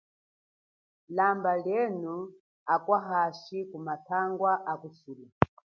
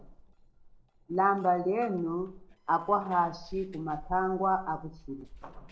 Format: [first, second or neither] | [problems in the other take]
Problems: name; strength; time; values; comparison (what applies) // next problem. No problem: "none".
first | noise reduction (neural separator model SepFormer DNS4)